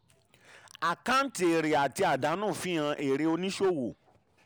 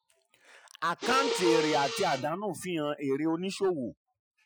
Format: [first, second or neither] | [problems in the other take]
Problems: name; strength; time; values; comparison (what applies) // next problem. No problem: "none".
first | noise reduction (classical method Wiener filter)